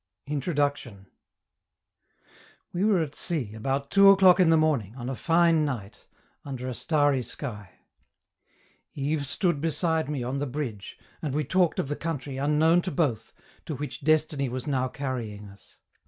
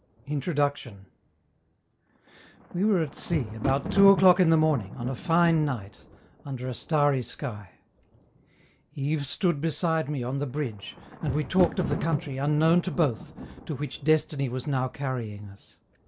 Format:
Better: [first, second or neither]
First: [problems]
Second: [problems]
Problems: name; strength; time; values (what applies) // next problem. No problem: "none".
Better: first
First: none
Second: background sound (Thunder); 12 dB below the speech